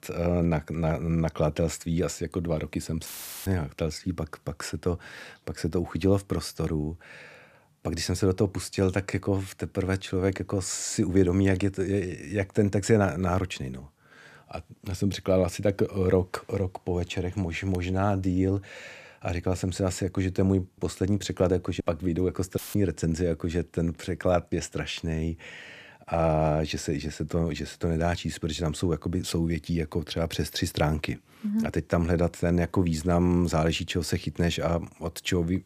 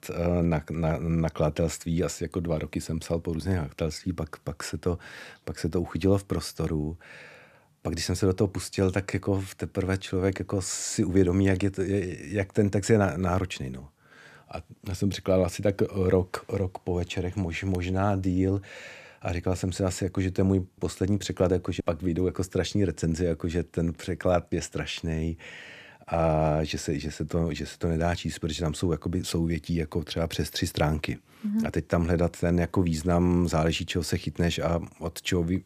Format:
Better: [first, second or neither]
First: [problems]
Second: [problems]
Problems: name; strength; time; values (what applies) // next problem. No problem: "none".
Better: second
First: audio cutting out; filled with static; at 3 s and at 23 s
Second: none